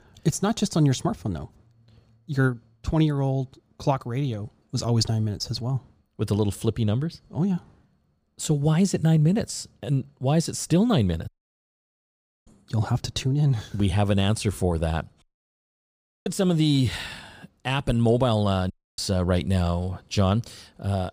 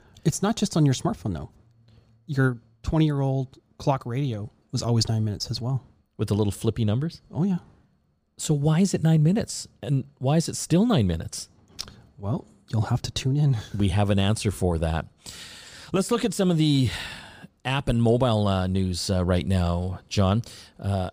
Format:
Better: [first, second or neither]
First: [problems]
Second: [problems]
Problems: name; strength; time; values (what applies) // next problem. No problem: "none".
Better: second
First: audio cutting out; at 11 s for 1 s, at 15 s for 1 s and at 19 s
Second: none